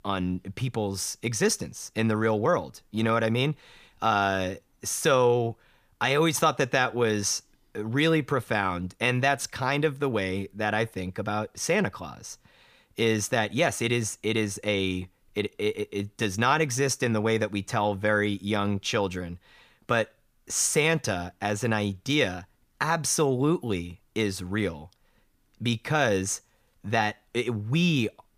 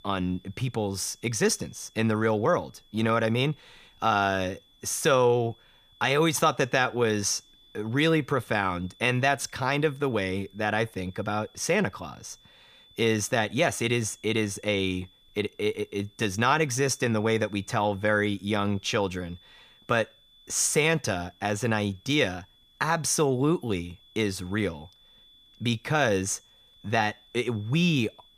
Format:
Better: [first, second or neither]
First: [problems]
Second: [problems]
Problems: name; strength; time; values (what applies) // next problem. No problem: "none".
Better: first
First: none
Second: high-pitched whine; faint; throughout; 3.5 kHz, 30 dB below the speech